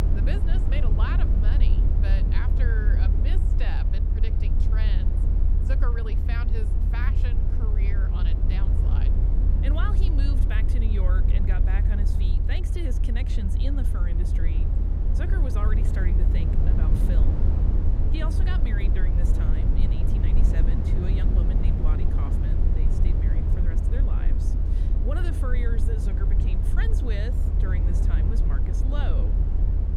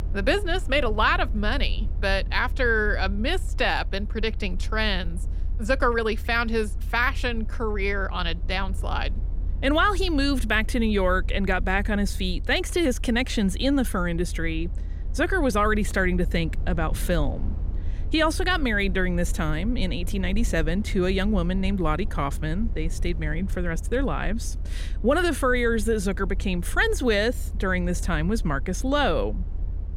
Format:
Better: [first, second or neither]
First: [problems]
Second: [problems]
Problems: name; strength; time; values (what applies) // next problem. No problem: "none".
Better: second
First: low rumble; loud; throughout; 1 dB below the speech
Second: low rumble; faint; throughout; 25 dB below the speech